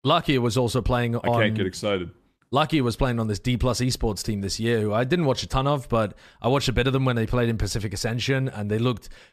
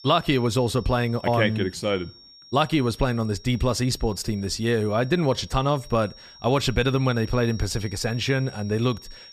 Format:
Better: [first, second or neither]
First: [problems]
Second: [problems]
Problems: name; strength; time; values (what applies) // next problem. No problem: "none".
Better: first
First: none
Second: high-pitched whine; faint; throughout; 5.5 kHz, 20 dB below the speech